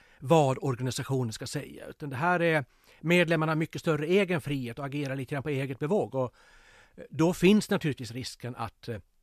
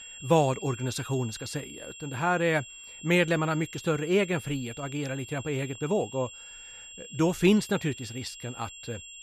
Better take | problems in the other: first | high-pitched whine; noticeable; throughout; 3 kHz, 15 dB below the speech

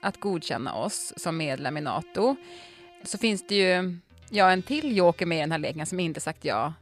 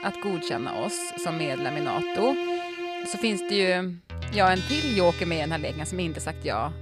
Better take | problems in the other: first | background music; loud; throughout; 5 dB below the speech; faint in the first

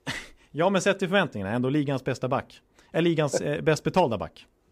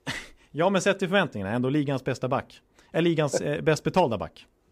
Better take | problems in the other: neither | none

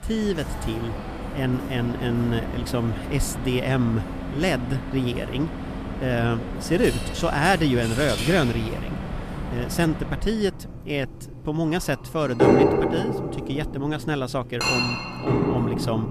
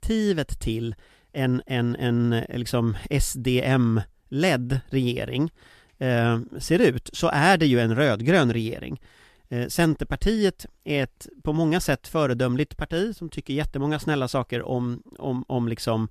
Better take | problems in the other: second | household noises; loud; throughout; 2 dB below the speech

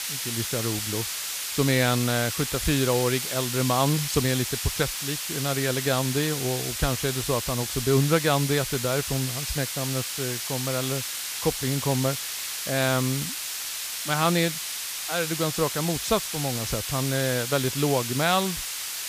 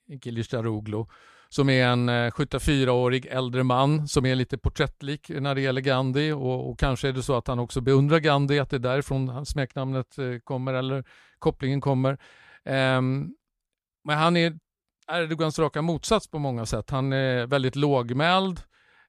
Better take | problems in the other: second | hiss; loud; throughout; 2 dB below the speech

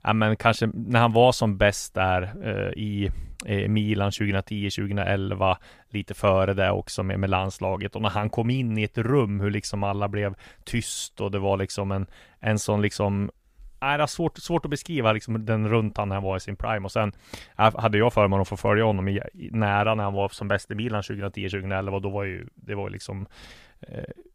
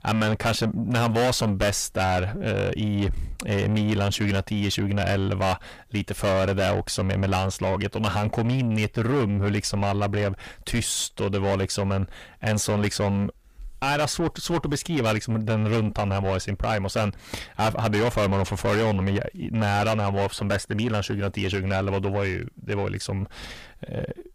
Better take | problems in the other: first | distortion; heavy; 6 dB below the speech

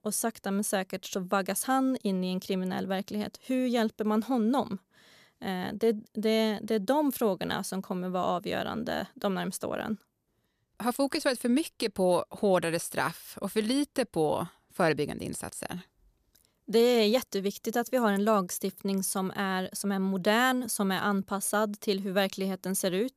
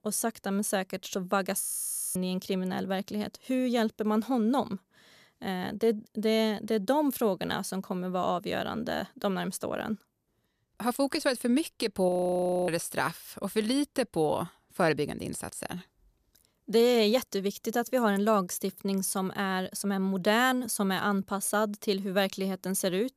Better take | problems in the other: first | audio freezing; at 1.5 s for 0.5 s and at 12 s for 0.5 s

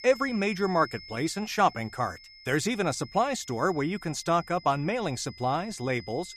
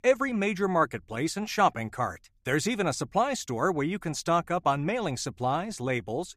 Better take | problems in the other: second | high-pitched whine; noticeable; throughout; 5 kHz, 20 dB below the speech

